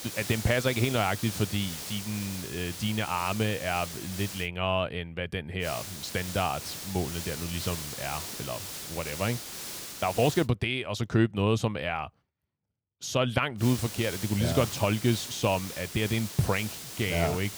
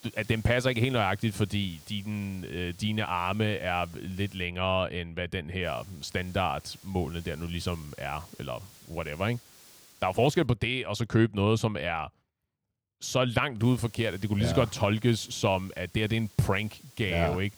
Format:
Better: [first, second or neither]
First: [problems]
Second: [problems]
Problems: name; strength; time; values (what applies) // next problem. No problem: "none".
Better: second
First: hiss; loud; until 4.5 s, from 5.5 to 10 s and from 14 s on; 8 dB below the speech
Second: hiss; faint; until 4.5 s, from 5.5 to 10 s and from 14 s on; 25 dB below the speech